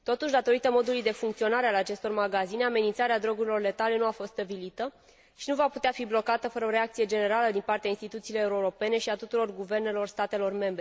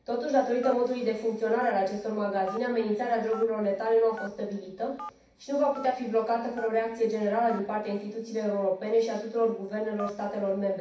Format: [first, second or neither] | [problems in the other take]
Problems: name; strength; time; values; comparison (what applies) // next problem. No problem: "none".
first | background sound (Telephone); 19 dB below the speech // room echo; dies away in 0.6 s